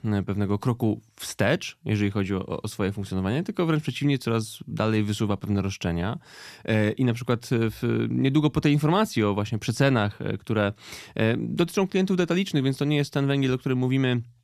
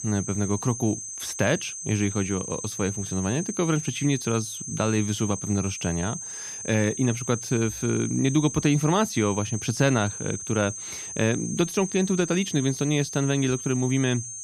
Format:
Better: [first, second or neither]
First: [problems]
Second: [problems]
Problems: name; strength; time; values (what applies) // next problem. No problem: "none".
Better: first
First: none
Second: high-pitched whine; loud; throughout; 6.5 kHz, 7 dB below the speech